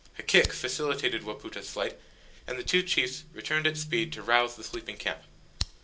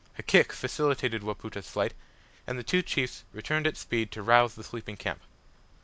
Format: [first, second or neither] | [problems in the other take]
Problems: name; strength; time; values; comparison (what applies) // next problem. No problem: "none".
second | background sound (Fire); 14 dB below the speech // room echo; dies away in 0.2 s